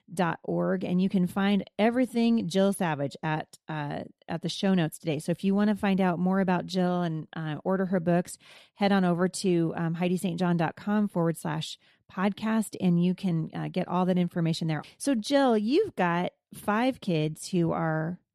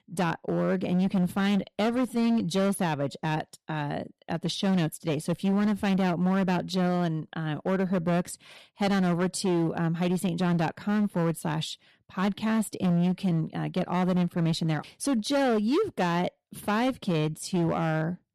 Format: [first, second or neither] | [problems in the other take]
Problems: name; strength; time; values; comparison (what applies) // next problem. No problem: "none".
first | distortion; slight; 13% of the sound clipped